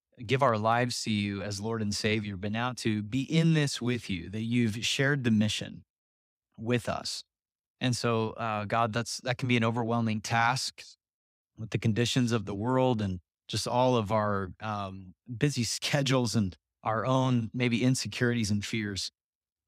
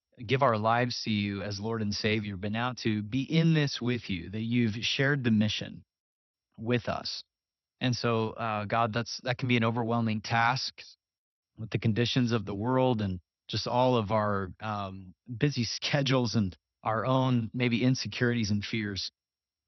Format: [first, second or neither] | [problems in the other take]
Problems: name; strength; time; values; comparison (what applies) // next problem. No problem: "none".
first | garbled, watery; slightly; nothing above 6 kHz